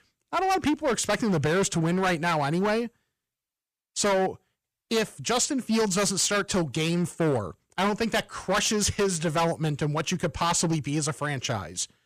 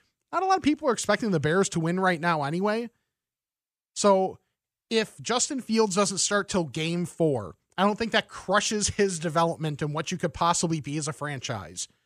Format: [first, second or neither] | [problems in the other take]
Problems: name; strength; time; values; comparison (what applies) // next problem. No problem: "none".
second | distortion; heavy; 13% of the sound clipped